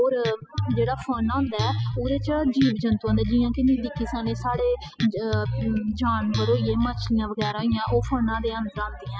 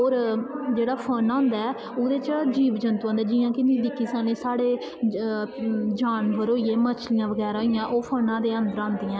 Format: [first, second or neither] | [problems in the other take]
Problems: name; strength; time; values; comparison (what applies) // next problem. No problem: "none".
second | noise reduction (classical method spectral subtraction)